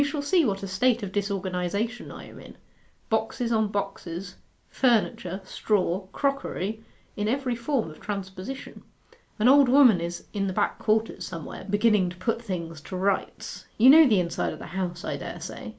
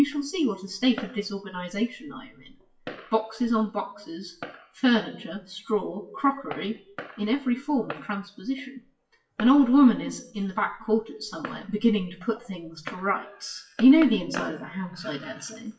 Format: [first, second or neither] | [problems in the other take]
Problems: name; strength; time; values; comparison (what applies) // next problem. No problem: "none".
first | noise reduction (classical method WPE with log-MMSE)